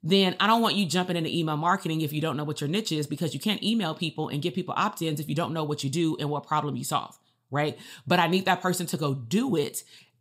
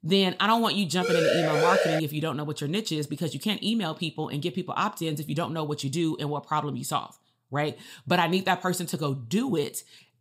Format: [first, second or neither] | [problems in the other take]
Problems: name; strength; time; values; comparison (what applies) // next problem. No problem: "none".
first | siren; loud; at 1 s; peak 4 dB above the speech